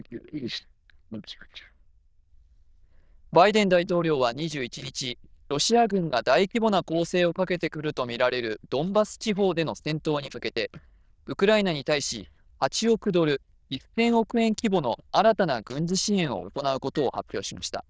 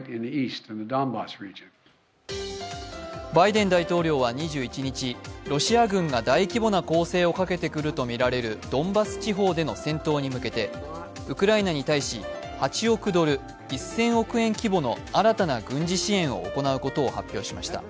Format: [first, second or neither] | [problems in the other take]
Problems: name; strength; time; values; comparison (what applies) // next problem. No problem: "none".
second | noise reduction (neural diffusion model UNIVERSE++)